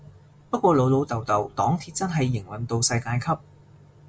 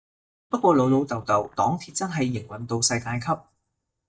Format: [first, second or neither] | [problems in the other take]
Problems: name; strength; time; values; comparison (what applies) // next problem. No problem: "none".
first | noise reduction (neural mask model DeepFilterNet 3)